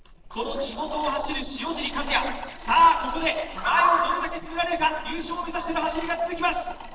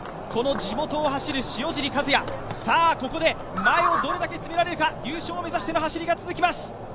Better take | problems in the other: second | noise reduction (neural separator model SepFormer DNS4)

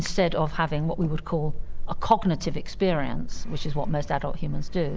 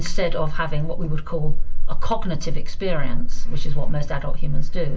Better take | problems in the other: first | room echo; dies away in 0.2 s

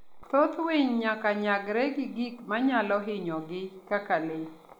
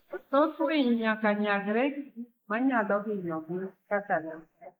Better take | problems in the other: first | noise reduction (neural mask model Resemble Enhance denoiser)

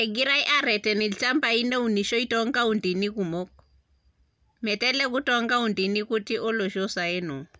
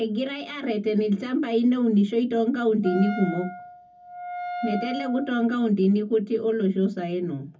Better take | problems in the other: first | background sound (Wind instrument, woodwind instrument); 10 dB below the speech // room echo; dies away in 0.3 s

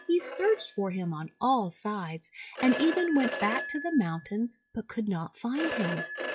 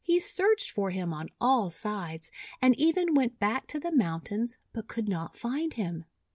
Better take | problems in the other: second | noise reduction (classical method log-MMSE)

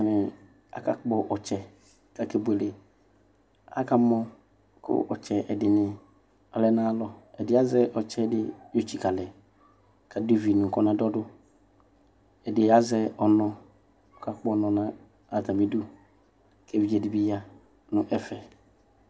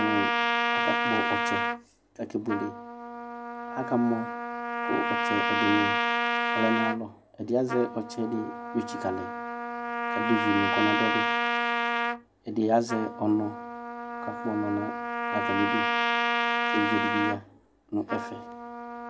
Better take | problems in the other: first | background sound (Trumpet); 2 dB above the speech

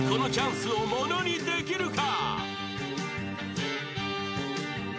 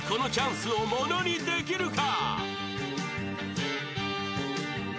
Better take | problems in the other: second | background sound (Electric guitar / Bass guitar); 8 dB below the speech

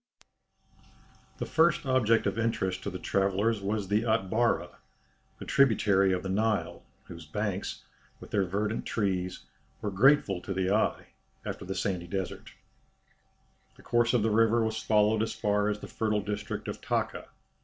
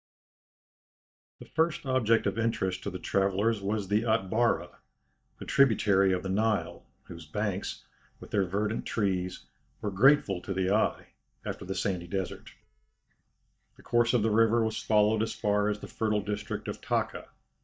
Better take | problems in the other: first | noise reduction (neural mask model DeepFilterNet 3)

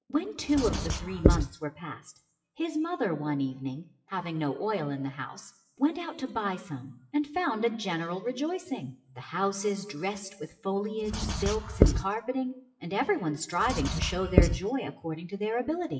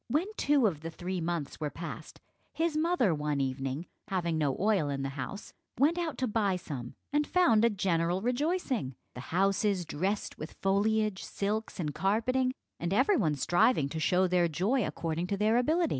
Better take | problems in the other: second | noise reduction (classical method WPE with log-MMSE)

